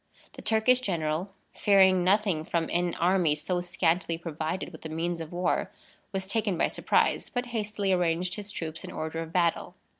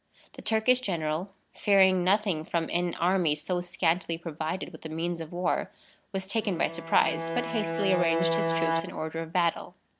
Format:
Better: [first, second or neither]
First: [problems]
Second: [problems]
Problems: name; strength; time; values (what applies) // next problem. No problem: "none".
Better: first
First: none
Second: background sound (Bowed string instrument); 2 dB below the speech